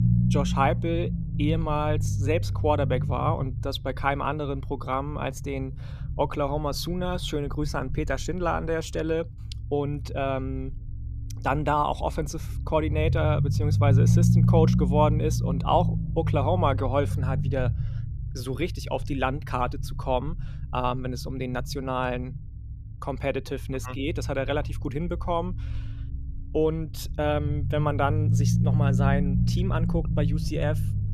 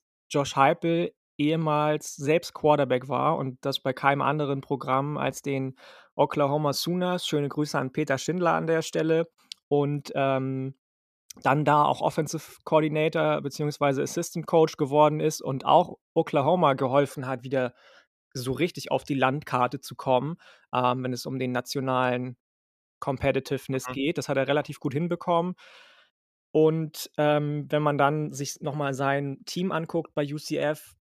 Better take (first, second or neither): second